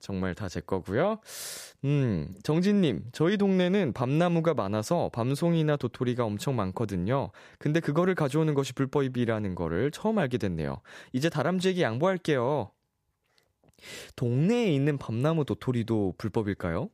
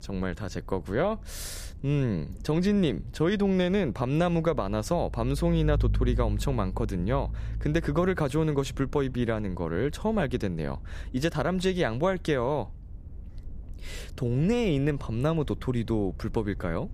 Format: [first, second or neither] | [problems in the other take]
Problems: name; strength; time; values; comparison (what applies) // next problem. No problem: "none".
first | low rumble; faint; throughout; 25 dB below the speech